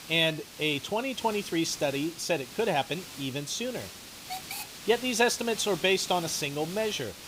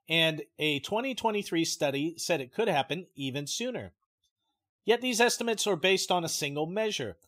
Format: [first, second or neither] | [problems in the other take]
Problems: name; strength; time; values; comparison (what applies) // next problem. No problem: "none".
second | hiss; noticeable; throughout; 10 dB below the speech